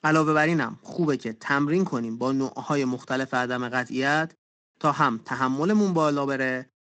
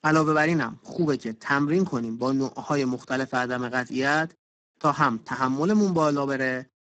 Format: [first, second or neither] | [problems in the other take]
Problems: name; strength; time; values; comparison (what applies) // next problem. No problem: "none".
first | garbled, watery; badly; nothing above 7.5 kHz; slightly in the first